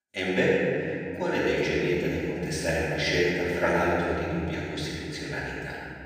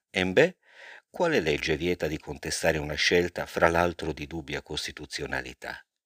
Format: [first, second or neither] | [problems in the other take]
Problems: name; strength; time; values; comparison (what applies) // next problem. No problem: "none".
second | room echo; strong; dies away in 3 s // off-mic speech; far